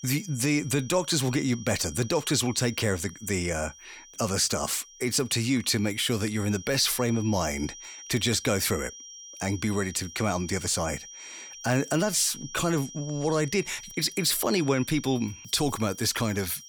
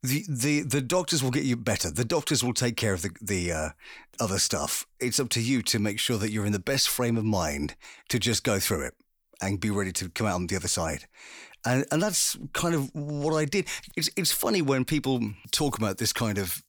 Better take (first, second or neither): second